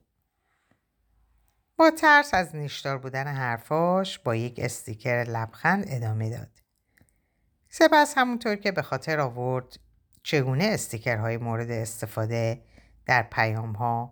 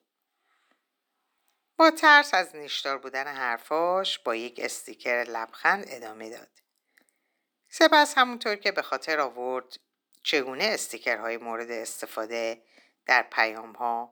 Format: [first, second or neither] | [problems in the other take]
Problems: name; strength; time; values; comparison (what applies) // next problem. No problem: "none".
first | thin; somewhat; fading below 250 Hz